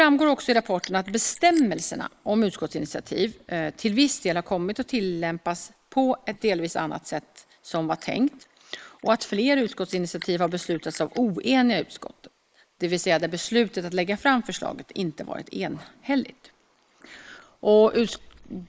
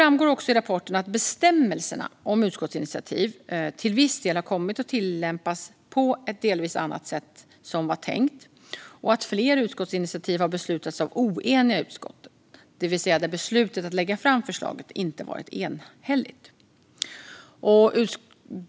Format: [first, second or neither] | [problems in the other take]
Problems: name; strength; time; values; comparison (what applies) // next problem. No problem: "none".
second | noise reduction (neural mask model Resemble Enhance denoiser)